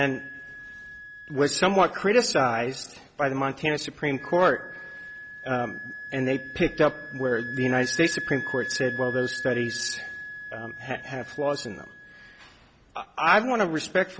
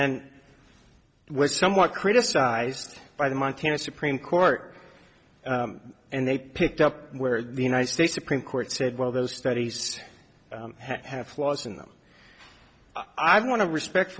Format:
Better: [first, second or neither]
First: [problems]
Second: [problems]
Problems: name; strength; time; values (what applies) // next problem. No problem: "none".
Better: second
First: background sound (Wind instrument, woodwind instrument); 12 dB below the speech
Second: none